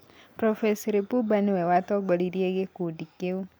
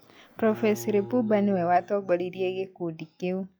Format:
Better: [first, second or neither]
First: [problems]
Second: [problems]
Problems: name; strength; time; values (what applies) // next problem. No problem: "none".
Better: first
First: none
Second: noise reduction (classical method log-MMSE)